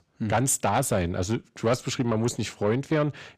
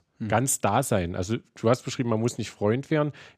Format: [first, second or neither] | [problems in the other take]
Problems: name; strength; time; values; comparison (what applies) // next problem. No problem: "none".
second | distortion; slight; 10 dB below the speech